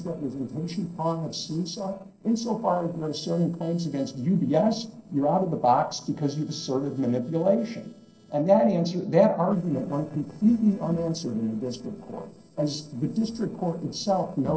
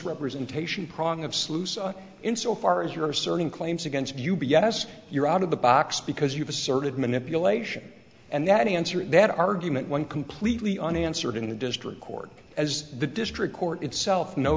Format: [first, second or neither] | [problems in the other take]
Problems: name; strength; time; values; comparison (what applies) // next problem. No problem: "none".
second | noise reduction (neural separator model SepFormer DNS4)